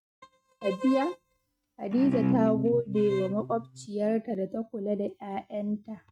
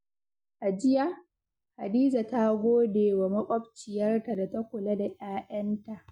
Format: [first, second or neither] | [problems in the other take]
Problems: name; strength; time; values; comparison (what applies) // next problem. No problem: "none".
second | noise reduction (neural mask model RNNoise)